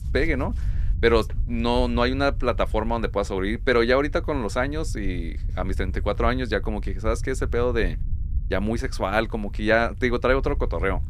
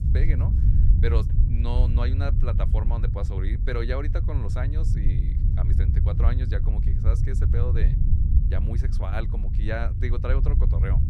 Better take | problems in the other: first | low rumble; loud; throughout; 4 dB below the speech; faint in the first

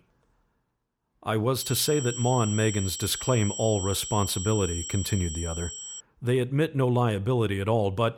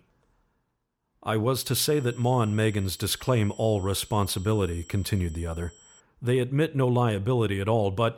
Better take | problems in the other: second | high-pitched whine; loud; from 1.5 to 6 s; 7.5 kHz, 8 dB below the speech; faint in the second

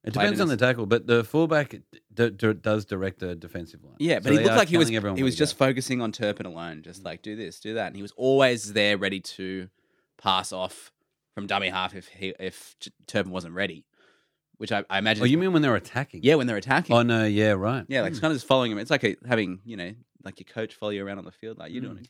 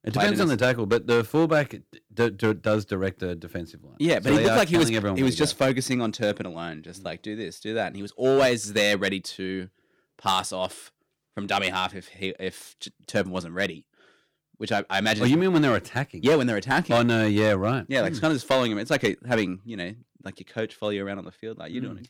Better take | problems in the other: first | distortion; slight; 3% of the sound clipped

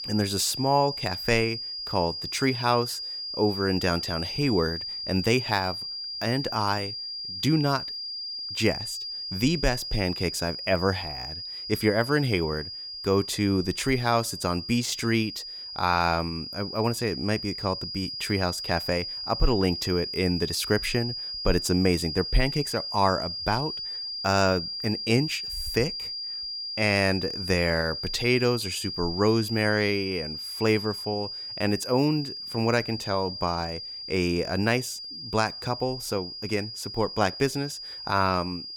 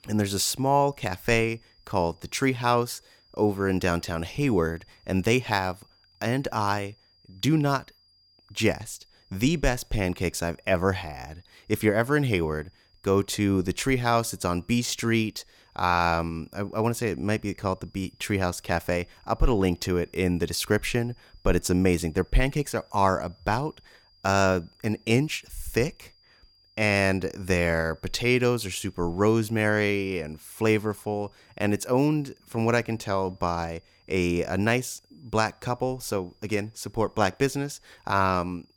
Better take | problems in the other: second | high-pitched whine; loud; throughout; 5 kHz, 6 dB below the speech; faint in the second

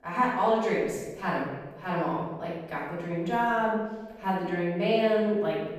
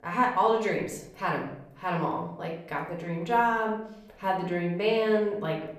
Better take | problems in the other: second | room echo; strong; dies away in 1 s; slight in the second // off-mic speech; far; far in the second

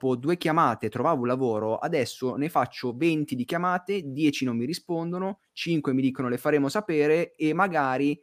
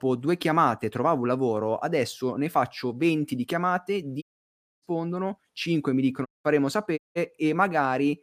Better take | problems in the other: first | audio cutting out; at 4 s for 0.5 s, at 6.5 s and at 7 s

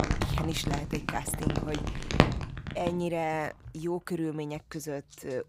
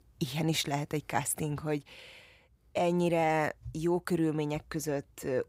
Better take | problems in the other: second | household noises; very loud; throughout; 3 dB above the speech

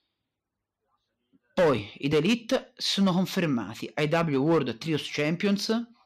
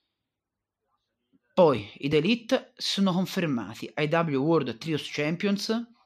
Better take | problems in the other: second | distortion; slight; 3% of the sound clipped

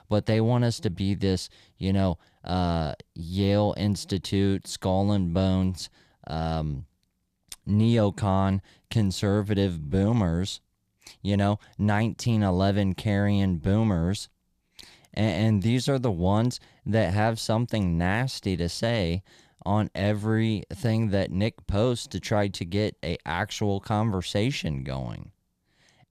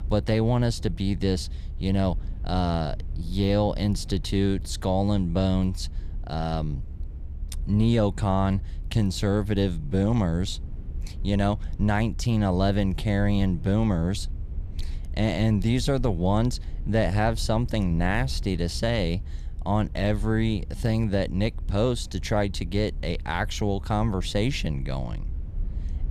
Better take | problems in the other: first | low rumble; faint; throughout; 25 dB below the speech

